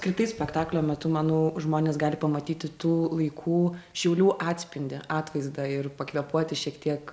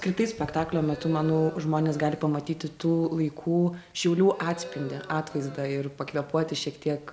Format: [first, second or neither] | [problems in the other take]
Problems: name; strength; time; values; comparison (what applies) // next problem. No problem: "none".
first | background sound (Crowd); 18 dB below the speech